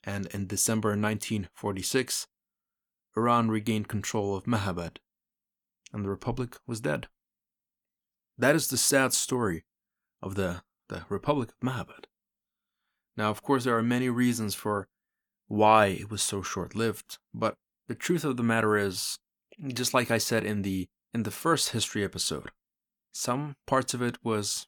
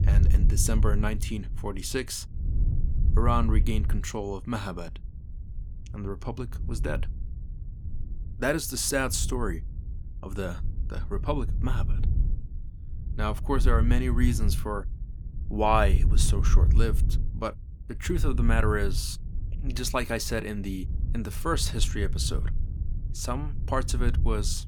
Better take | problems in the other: first | wind noise on the microphone; occasional gusts; 15 dB below the speech

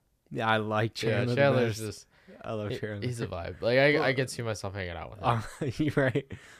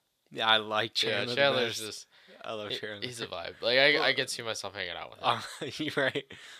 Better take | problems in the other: first | thin; somewhat; fading below 700 Hz

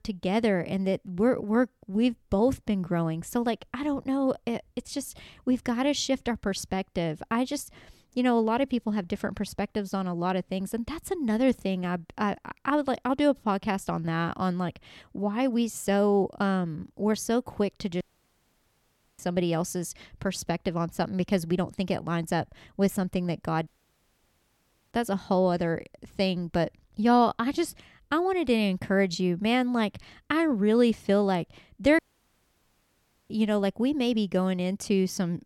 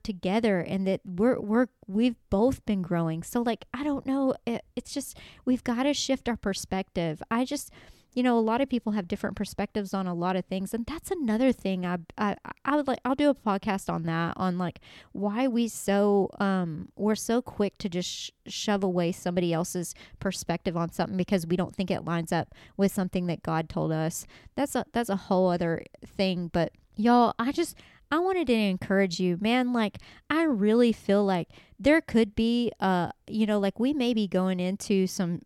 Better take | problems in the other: second | audio cutting out; at 18 s for 1 s, at 24 s for 1.5 s and at 32 s for 1.5 s

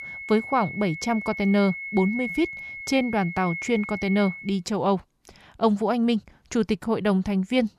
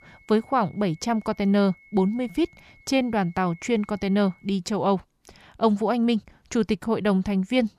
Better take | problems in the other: second | high-pitched whine; loud; until 4.5 s; 2 kHz, 8 dB below the speech; faint in the second

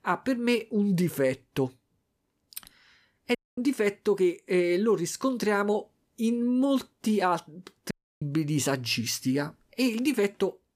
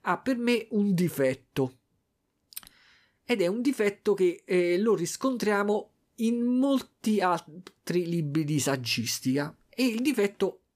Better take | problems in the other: second | audio cutting out; at 3.5 s and at 8 s

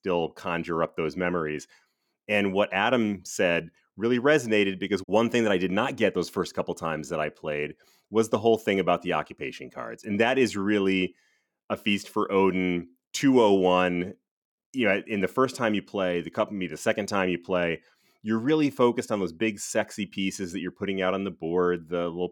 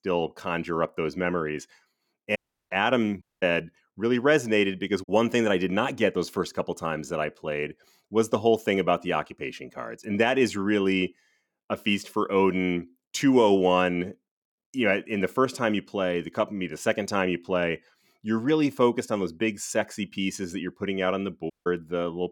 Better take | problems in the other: first | audio cutting out; at 2.5 s, at 3 s and at 22 s

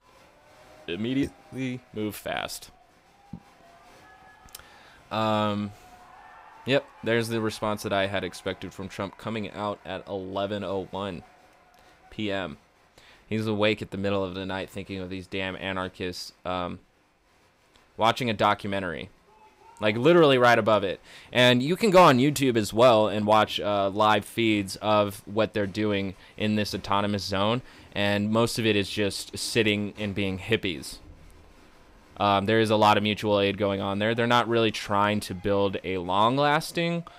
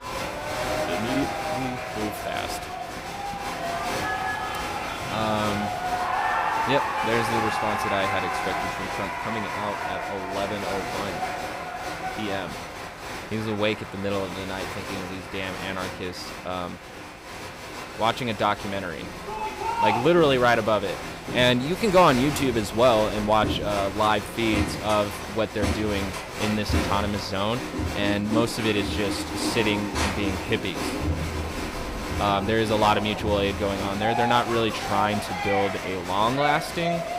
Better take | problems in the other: first | crowd noise; loud; throughout; 4 dB below the speech; faint in the first

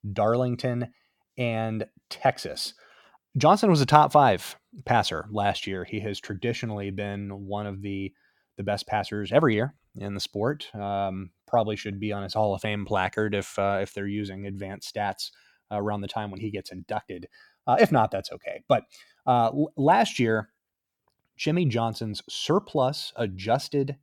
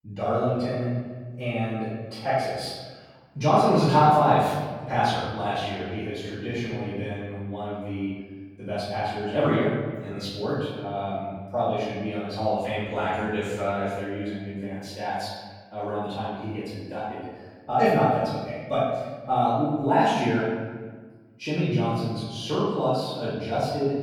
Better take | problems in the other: first | room echo; strong; dies away in 1.4 s // off-mic speech; far

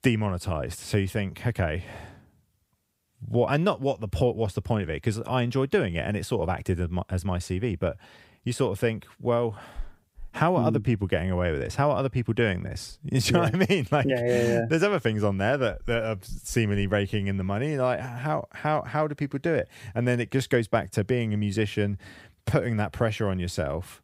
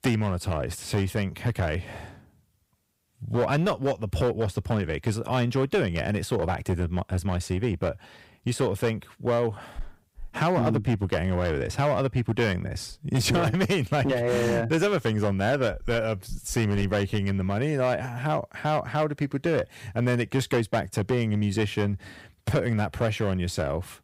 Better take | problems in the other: first | distortion; slight; 9% of the sound clipped

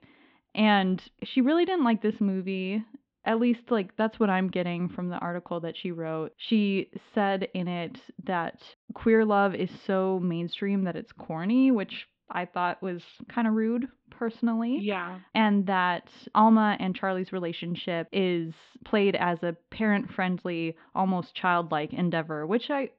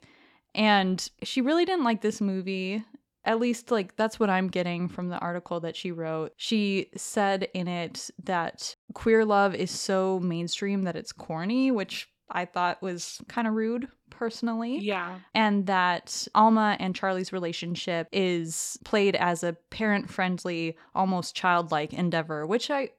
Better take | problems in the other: second | muffled; very; fading above 3.5 kHz

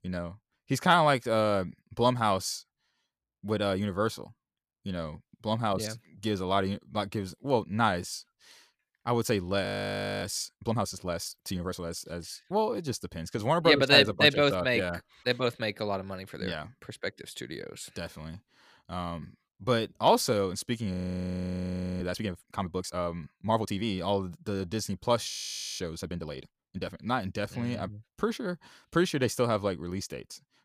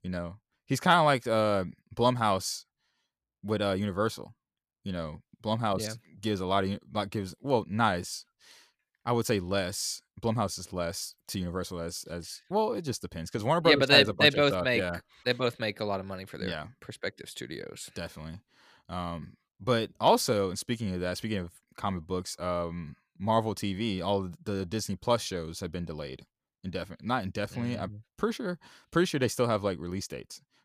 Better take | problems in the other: second | audio freezing; at 9.5 s for 0.5 s, at 21 s for 1 s and at 25 s for 0.5 s

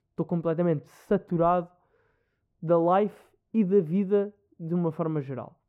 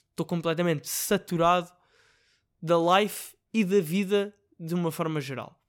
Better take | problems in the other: second | muffled; very; fading above 2 kHz

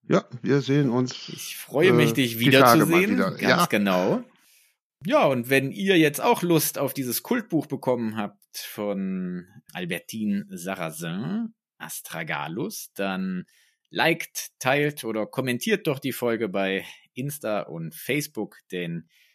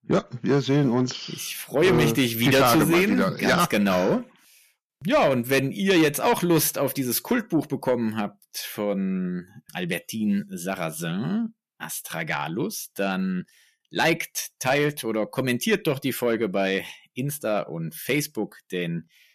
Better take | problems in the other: first | distortion; slight; 10 dB below the speech

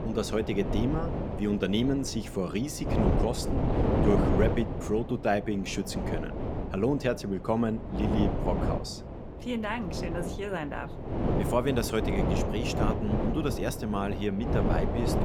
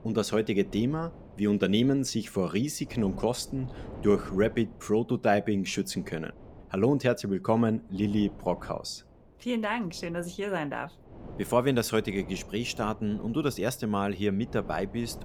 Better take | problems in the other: second | wind noise on the microphone; heavy; 3 dB below the speech; occasional gusts in the second

